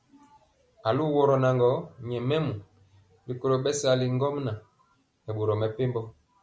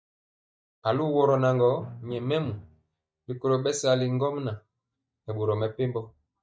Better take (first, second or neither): first